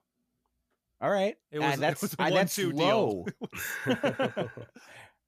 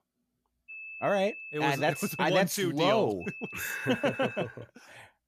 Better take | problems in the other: first | high-pitched whine; noticeable; from 0.5 to 2.5 s and from 3 to 4.5 s; 2.5 kHz, 10 dB below the speech

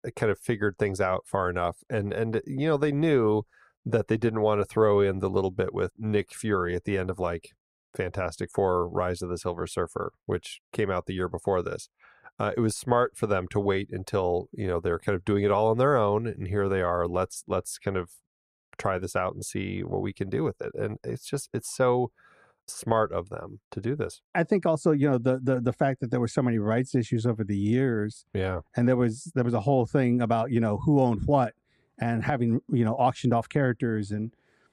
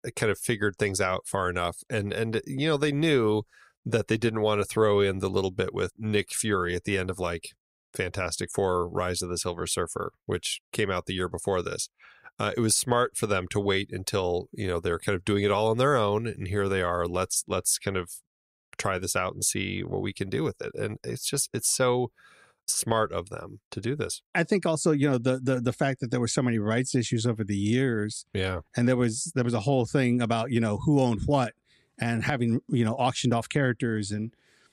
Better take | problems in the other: second | muffled; slightly; fading above 2 kHz

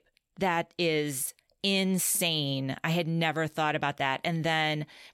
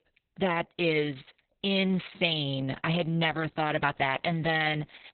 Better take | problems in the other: first | garbled, watery; badly; nothing above 4 kHz

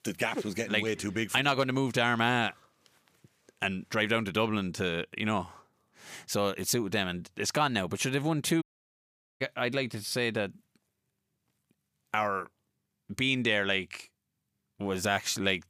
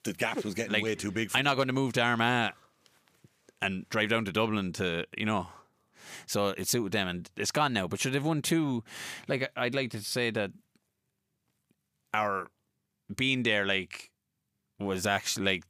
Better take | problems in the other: second | audio cutting out; at 8.5 s for 1 s

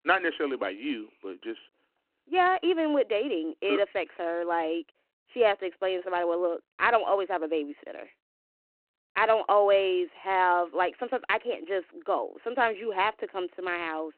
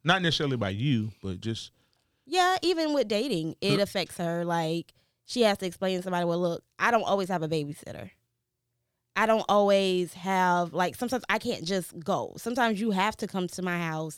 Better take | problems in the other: second | phone-call audio

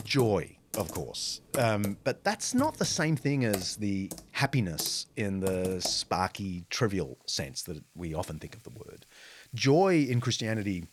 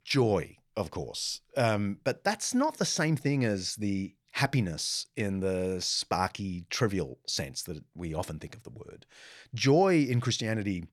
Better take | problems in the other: second | household noises; noticeable; throughout; 10 dB below the speech

